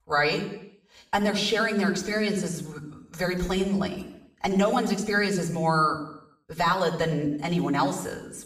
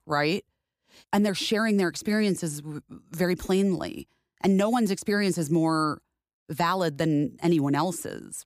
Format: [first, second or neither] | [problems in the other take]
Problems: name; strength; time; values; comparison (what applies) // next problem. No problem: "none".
second | room echo; slight; dies away in 0.7 s // off-mic speech; far